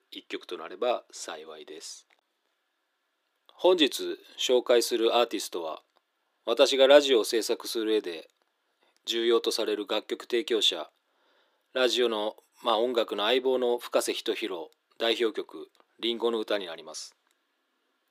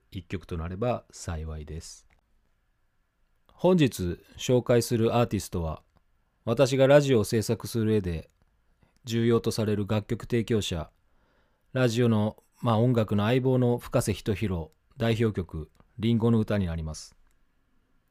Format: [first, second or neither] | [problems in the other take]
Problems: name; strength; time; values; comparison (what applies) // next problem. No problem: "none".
second | thin; very; fading below 300 Hz